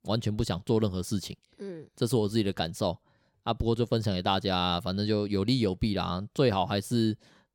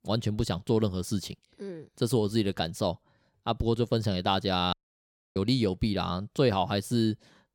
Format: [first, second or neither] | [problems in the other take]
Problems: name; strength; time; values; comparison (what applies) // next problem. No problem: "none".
first | audio cutting out; at 4.5 s for 0.5 s